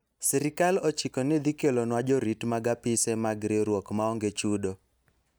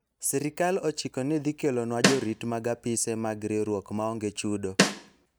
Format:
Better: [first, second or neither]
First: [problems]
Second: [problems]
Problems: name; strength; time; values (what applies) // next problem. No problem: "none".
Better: first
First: none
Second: background sound (Snare drum); 3 dB above the speech